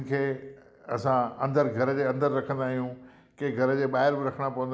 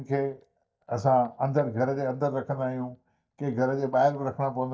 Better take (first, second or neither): first